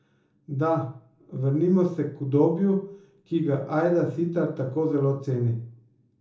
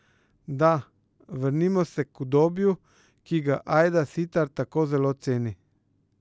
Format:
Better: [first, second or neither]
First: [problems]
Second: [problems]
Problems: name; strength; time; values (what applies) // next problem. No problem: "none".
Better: second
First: room echo; dies away in 0.9 s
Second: none